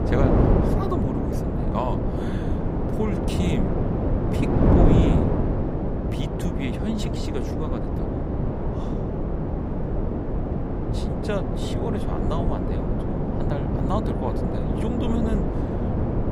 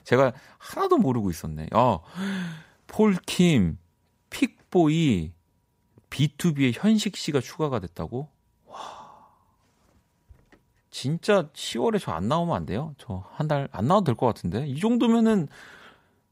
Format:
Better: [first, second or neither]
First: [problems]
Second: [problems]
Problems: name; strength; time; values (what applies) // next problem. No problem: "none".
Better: second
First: wind noise on the microphone; heavy; 3 dB above the speech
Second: none